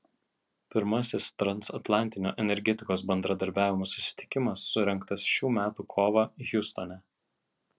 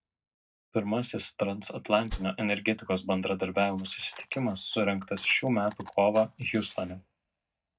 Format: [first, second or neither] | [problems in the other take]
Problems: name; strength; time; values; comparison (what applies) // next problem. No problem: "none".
first | noise reduction (neural mask model DeepFilterNet 3)